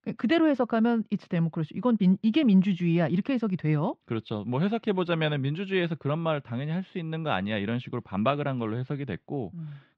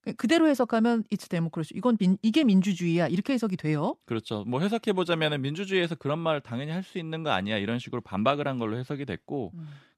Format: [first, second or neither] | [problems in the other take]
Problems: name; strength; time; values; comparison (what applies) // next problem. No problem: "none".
second | muffled; slightly; fading above 3.5 kHz